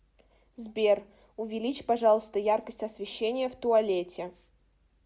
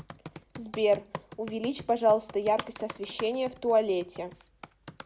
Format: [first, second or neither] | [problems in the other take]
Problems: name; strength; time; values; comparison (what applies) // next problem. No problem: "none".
first | background sound (Computer keyboard); 16 dB below the speech